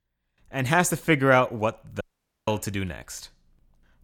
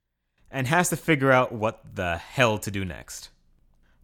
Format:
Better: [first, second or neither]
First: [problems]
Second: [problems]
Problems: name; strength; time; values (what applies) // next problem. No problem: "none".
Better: second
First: audio cutting out; at 2 s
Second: none